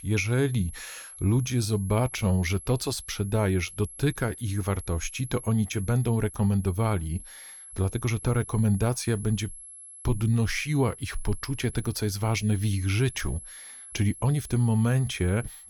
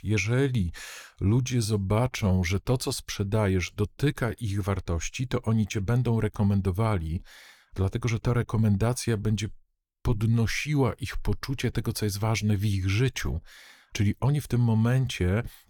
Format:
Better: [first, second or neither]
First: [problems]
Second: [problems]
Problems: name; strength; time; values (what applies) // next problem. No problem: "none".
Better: second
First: high-pitched whine; noticeable; throughout; 11 kHz, 15 dB below the speech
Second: none